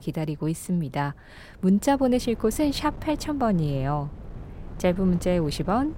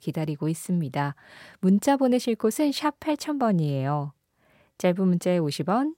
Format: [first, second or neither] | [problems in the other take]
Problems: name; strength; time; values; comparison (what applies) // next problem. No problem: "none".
second | wind noise on the microphone; occasional gusts; 20 dB below the speech